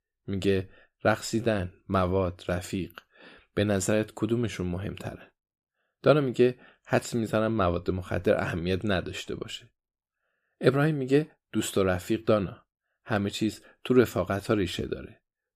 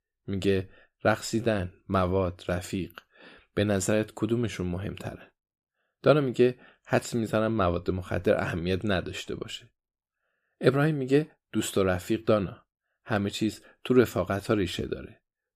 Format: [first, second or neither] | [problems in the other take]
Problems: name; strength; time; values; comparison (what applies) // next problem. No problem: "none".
neither | none